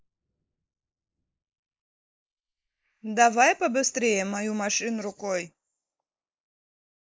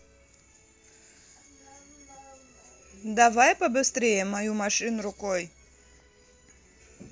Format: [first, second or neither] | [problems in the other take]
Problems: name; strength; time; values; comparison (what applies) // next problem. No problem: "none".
second | noise reduction (neural mask model Resemble Enhance denoiser)